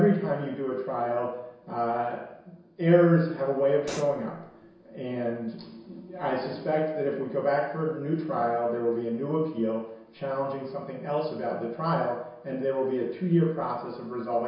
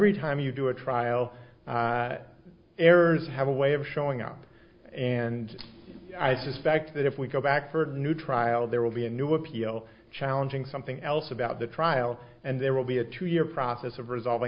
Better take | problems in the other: second | background sound (Hi-hat); 14 dB below the speech // room echo; dies away in 0.7 s

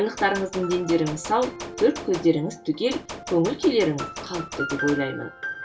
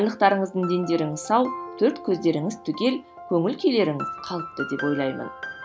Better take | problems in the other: second | background sound (Gunshot, gunfire); 13 dB below the speech // room echo; dies away in 0.1 s

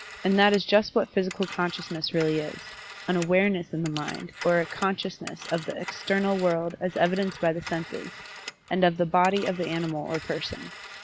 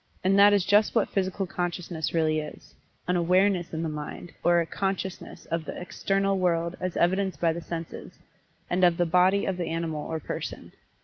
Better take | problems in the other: second | background sound (Telephone); 15 dB below the speech

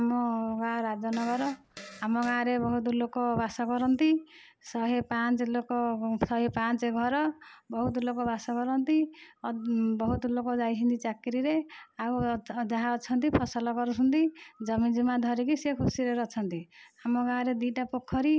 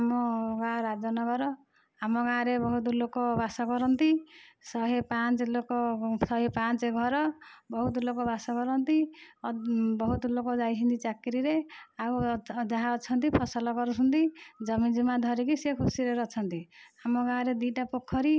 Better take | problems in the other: second | background sound (Fart); 18 dB below the speech

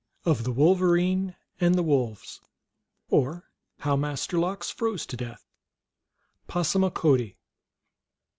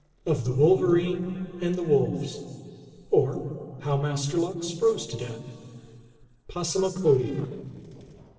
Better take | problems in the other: first | noise reduction (neural separator model SepFormer DNS4)

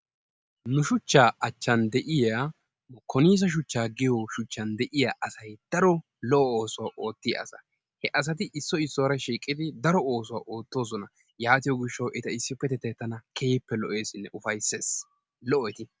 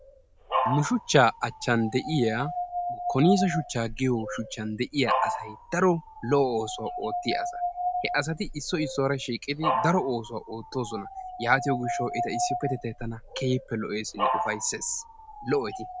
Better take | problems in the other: first | background sound (Dog); 5 dB below the speech

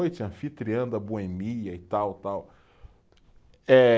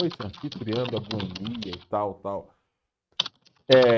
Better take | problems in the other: first | noise reduction (neural mask model RNNoise)

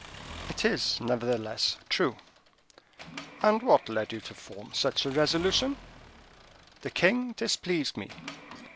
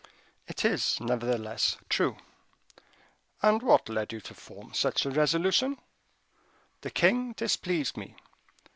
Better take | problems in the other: second | background sound (Accelerating, revving, vroom / Mechanisms); 17 dB below the speech

